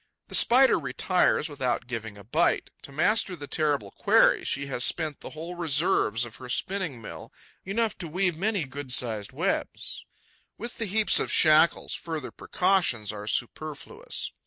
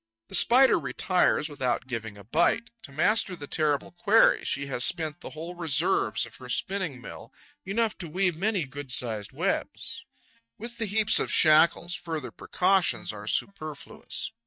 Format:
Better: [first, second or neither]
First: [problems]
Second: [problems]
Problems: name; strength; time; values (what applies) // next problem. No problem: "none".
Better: first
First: none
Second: noise reduction (neural mask model DeepFilterNet 3)